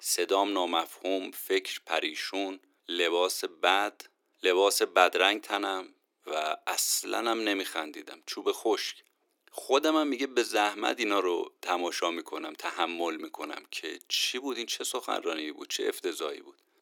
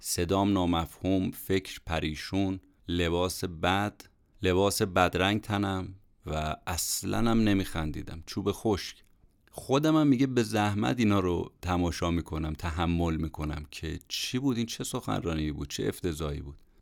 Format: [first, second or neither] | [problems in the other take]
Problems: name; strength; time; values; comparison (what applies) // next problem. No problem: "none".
second | thin; very; fading below 350 Hz